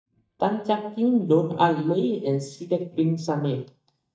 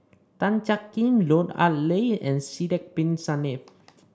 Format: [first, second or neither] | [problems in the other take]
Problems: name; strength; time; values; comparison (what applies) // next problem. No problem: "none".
second | noise reduction (neural mask model DeepFilterNet 3)